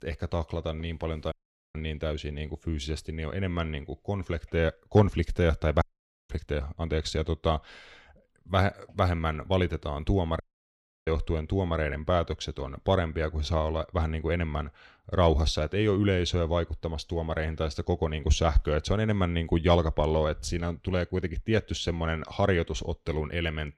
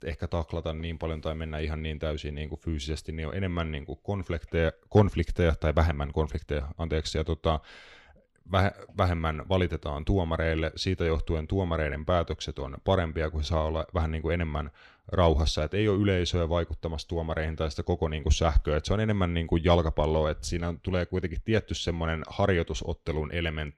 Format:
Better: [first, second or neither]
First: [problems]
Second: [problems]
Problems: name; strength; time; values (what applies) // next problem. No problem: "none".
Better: second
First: audio cutting out; at 1.5 s, at 6 s and at 10 s for 0.5 s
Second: none